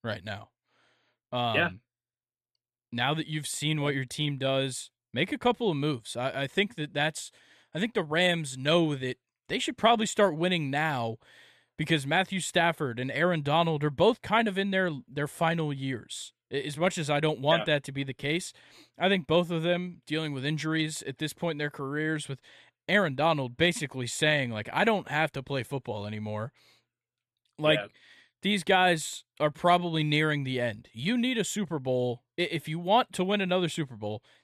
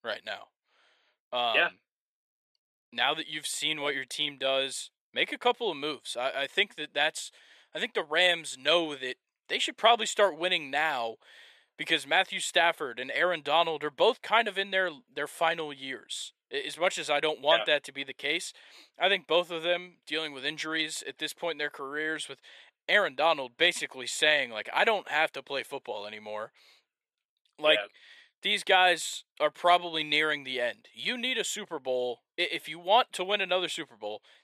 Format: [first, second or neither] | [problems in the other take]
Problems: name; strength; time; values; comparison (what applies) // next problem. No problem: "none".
first | thin; very; fading below 500 Hz